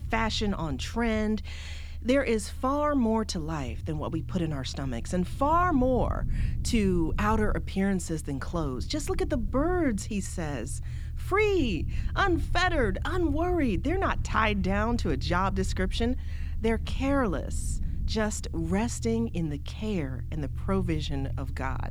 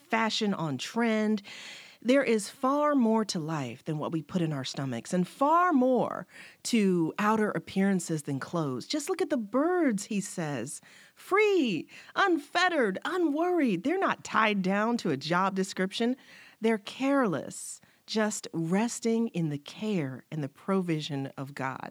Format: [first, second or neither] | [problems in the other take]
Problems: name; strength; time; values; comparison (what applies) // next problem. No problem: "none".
second | low rumble; faint; throughout; 20 dB below the speech